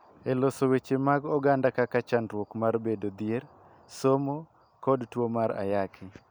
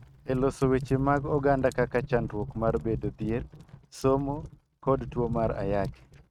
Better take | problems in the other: first | noise reduction (neural mask model RNNoise)

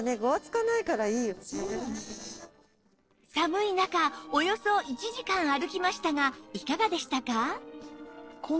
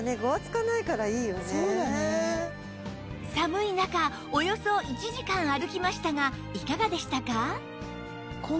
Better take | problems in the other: second | noise reduction (neural separator model SepFormer DNS4)

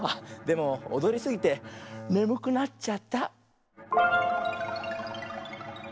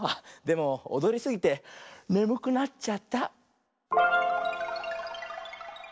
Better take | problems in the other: second | background sound (Bowed string instrument); 15 dB below the speech

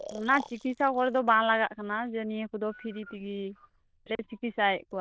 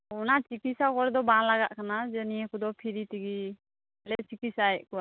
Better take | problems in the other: second | noise reduction (neural diffusion model UNIVERSE++)

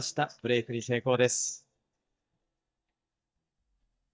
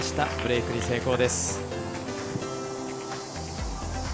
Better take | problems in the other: second | noise reduction (neural mask model DeepFilterNet 3)

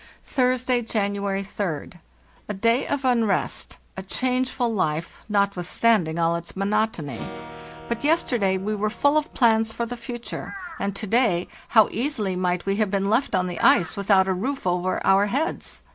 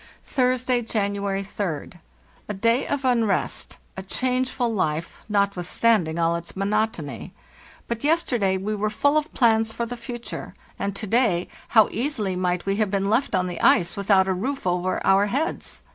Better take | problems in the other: second | background sound (Crow + Acoustic guitar / Strum); 17 dB below the speech

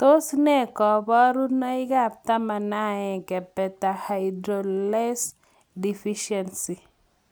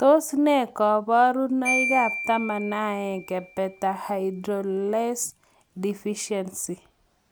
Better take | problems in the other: first | background sound (Marimba, xylophone); 11 dB below the speech

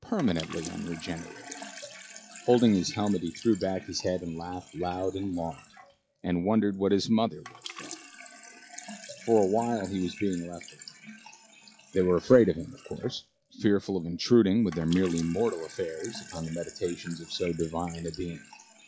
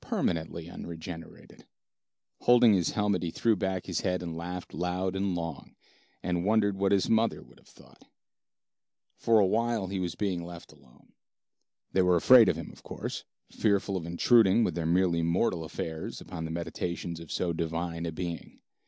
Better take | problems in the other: second | noise reduction (classical method log-MMSE)

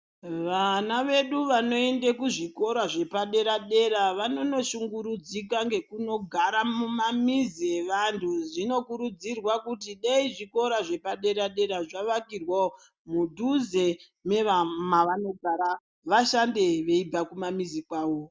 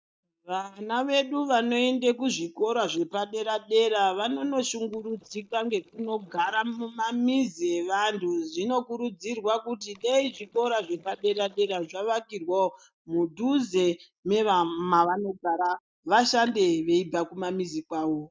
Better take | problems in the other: first | noise reduction (neural mask model DeepFilterNet 3)

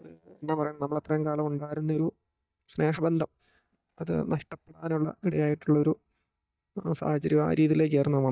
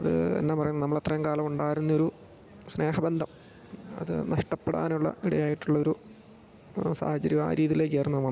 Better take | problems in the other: second | noise reduction (neural mask model DeepFilterNet 3)

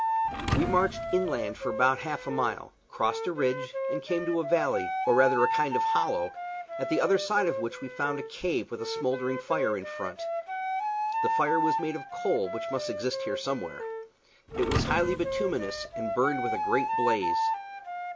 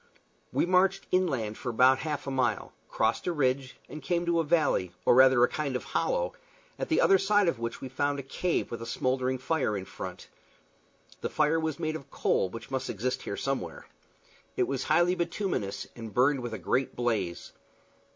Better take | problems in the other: second | background sound (Wind instrument, woodwind instrument + Thump, thud); 2 dB below the speech

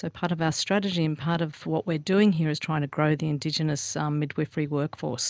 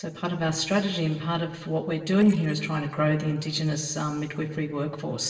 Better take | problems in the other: first | noise reduction (neural separator model SepFormer DNS4)

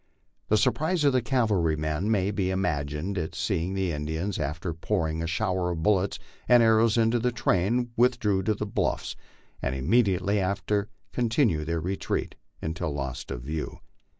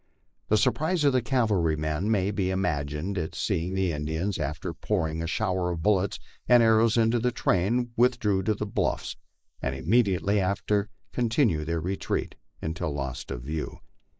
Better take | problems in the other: first | noise reduction (neural mask model Resemble Enhance denoiser)

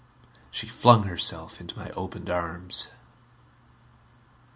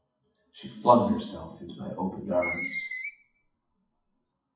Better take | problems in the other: first | noise reduction (classical method WPE with log-MMSE)

